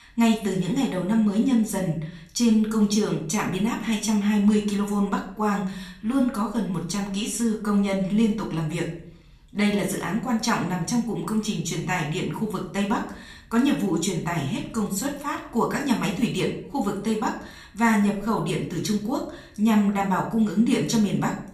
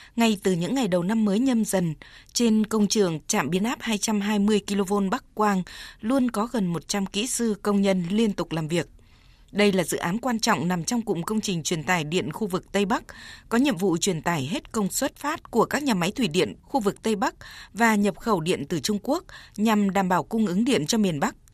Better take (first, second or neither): second